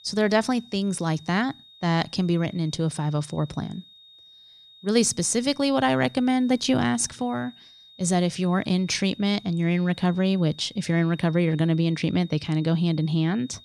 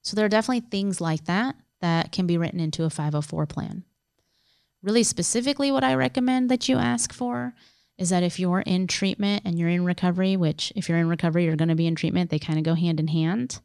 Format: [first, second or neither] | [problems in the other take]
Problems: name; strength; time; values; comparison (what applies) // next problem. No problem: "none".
second | high-pitched whine; faint; throughout; 3.5 kHz, 25 dB below the speech